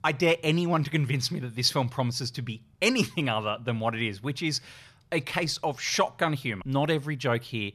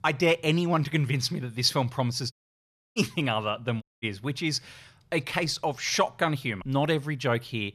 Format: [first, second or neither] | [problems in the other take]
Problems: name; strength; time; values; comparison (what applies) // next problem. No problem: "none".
first | audio cutting out; at 2.5 s for 0.5 s and at 4 s